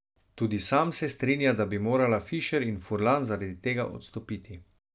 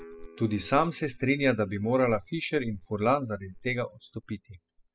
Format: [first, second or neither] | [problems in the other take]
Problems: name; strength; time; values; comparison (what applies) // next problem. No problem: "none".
first | noise reduction (classical method spectral subtraction)